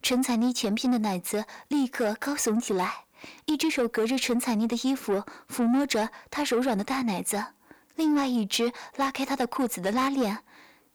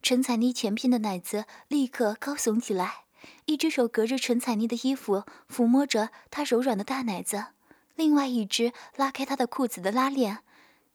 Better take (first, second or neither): second